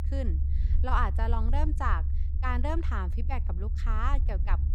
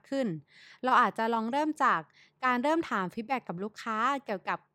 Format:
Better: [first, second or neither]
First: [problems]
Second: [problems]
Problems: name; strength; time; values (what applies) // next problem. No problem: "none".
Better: second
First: low rumble; noticeable; throughout; 15 dB below the speech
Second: none